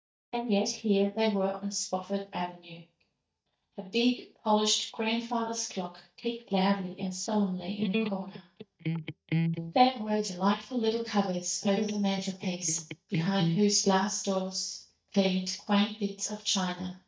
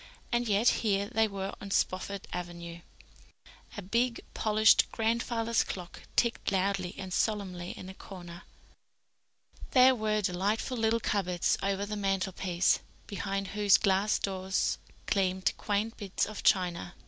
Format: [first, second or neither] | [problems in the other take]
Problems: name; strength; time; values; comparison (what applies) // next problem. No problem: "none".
second | noise reduction (neural mask model DeepFilterNet 3)